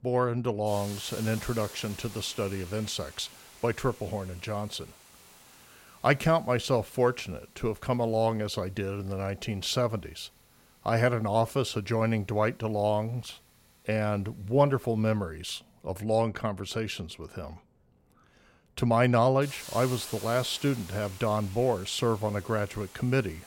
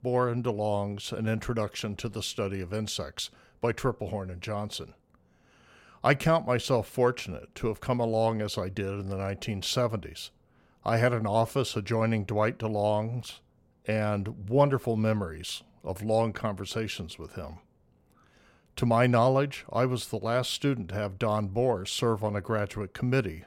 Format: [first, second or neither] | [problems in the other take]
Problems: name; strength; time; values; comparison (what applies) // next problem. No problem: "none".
second | hiss; noticeable; throughout; 15 dB below the speech